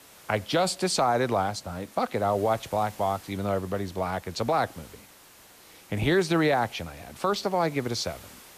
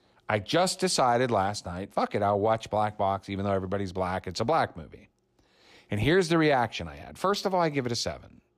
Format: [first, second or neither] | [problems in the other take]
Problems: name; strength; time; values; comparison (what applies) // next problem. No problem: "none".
second | hiss; faint; throughout; 20 dB below the speech